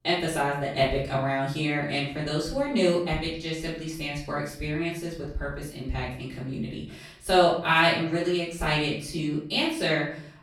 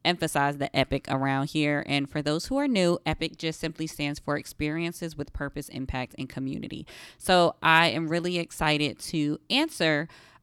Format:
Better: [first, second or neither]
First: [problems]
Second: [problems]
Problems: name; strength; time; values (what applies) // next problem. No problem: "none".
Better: second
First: off-mic speech; far // room echo; noticeable; dies away in 0.5 s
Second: none